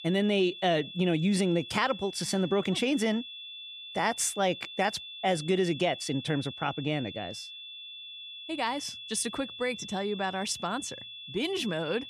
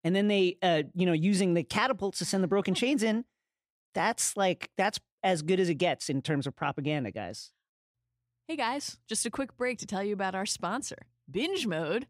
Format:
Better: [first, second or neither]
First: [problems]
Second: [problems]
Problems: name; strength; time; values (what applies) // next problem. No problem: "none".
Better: second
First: high-pitched whine; noticeable; throughout; 3.5 kHz, 10 dB below the speech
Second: none